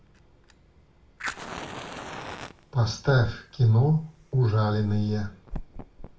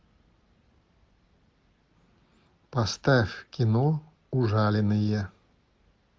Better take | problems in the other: second | background sound (Fire); 15 dB below the speech // room echo; dies away in 0.3 s

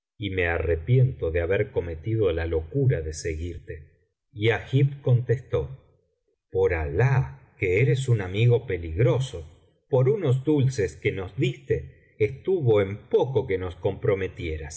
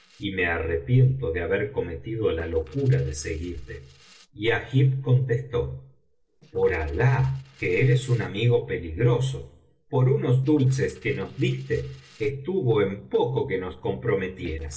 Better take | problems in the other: first | noise reduction (neural separator model SepFormer DNS4)

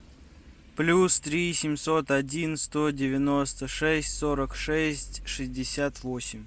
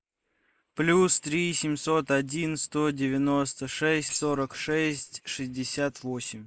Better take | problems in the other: first | noise reduction (neural mask model Resemble Enhance denoiser)

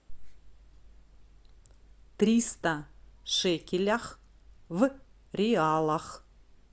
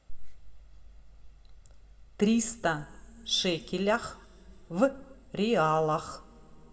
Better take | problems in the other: first | room echo; dies away in 2 s

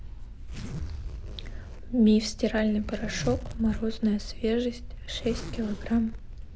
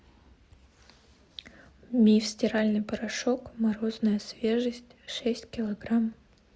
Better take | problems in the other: second | background sound (Zipper (clothing)); 7 dB below the speech

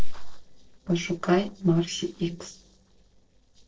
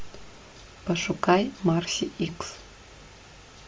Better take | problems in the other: second | noise reduction (neural separator model SepFormer DNS4)

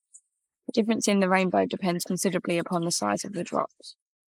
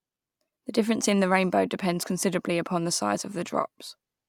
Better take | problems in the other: second | noise reduction (neural mask model Resemble Enhance denoiser)

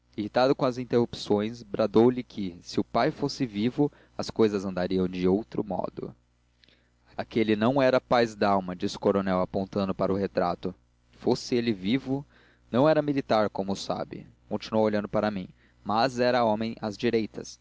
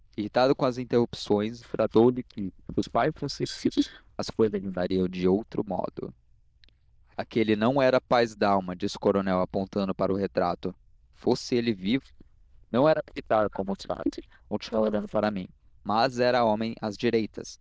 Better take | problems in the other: first | noise reduction (neural diffusion model UNIVERSE++)

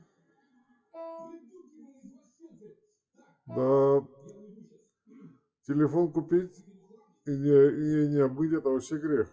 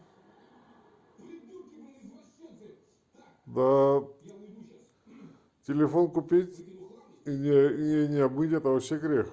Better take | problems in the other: second | noise reduction (classical method WPE with log-MMSE)

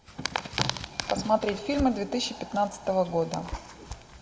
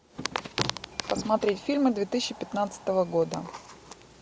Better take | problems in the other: second | background sound (Domestic sounds, home sounds); 15 dB below the speech // room echo; dies away in 0.9 s

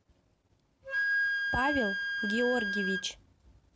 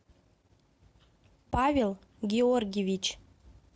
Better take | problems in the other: second | background sound (Wind instrument, woodwind instrument); 2 dB above the speech

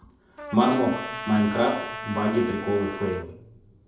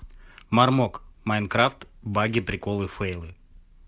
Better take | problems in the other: second | background sound (Trumpet); 10 dB below the speech // room echo; dies away in 2.6 s

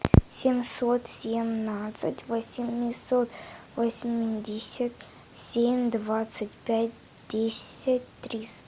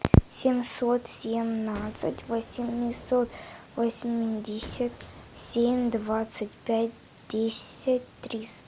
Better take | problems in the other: first | background sound (Boom); 18 dB below the speech

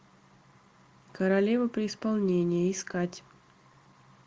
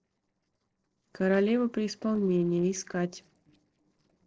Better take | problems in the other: first | noise reduction (neural separator model SepFormer DNS4)

